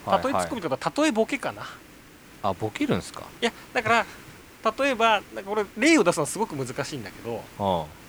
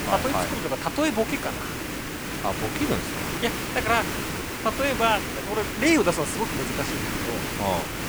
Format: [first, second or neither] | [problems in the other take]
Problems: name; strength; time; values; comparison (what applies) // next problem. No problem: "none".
first | hiss; loud; throughout; 3 dB below the speech; faint in the first